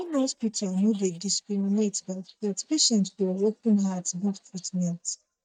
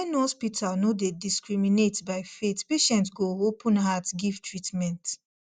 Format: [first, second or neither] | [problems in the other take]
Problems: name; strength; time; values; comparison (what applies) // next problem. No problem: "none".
second | noise reduction (neural mask model DeepFilterNet 3)